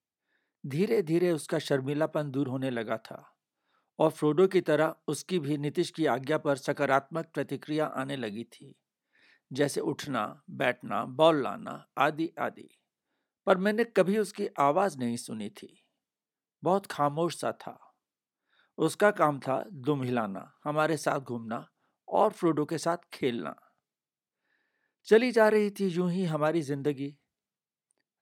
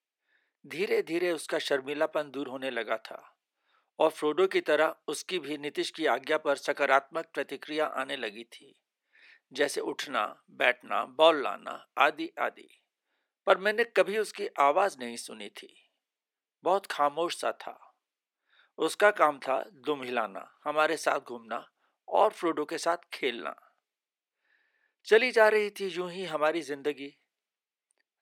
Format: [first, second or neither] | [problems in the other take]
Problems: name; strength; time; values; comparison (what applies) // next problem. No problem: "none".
first | thin; somewhat; fading below 450 Hz